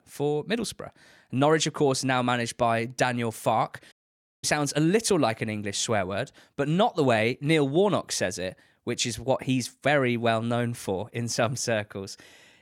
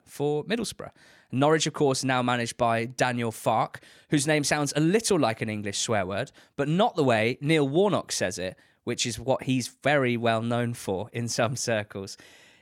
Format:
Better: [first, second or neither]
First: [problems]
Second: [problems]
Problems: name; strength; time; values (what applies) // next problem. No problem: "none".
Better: second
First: audio cutting out; at 4 s for 0.5 s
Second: none